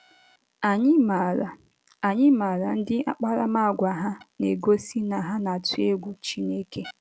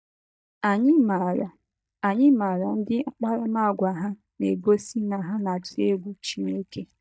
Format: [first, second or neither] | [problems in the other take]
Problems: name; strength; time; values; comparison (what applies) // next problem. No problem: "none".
first | noise reduction (neural mask model DeepFilterNet 3)